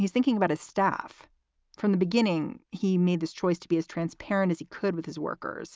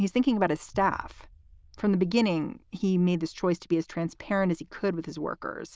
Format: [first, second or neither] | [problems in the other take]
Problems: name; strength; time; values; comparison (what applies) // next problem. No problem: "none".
first | noise reduction (neural diffusion model UNIVERSE++)